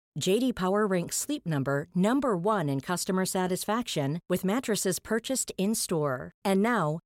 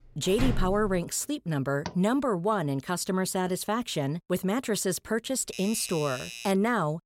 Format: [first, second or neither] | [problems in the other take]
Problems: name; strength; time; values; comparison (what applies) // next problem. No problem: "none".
first | door banging; noticeable; at 0.5 s; peak 3 dB below the speech // door banging; faint; at 2 s; peak 15 dB below the speech // doorbell; noticeable; from 5.5 to 6.5 s; peak 9 dB below the speech